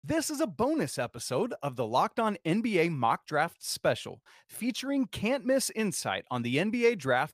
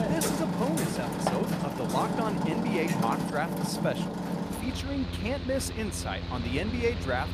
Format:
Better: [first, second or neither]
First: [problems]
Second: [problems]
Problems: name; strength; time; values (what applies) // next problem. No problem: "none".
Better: first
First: none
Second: machinery noise; very loud; throughout; 1 dB above the speech